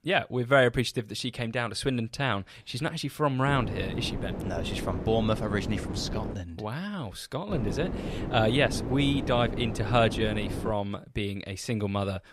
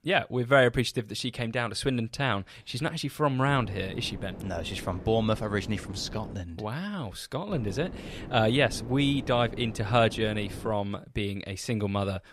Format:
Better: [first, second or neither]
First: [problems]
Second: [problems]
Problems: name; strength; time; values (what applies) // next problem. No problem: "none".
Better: second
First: wind noise on the microphone; heavy; from 3.5 to 6.5 s and from 7.5 to 11 s; 10 dB below the speech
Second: wind noise on the microphone; occasional gusts; from 3.5 to 6.5 s and from 7.5 to 11 s; 15 dB below the speech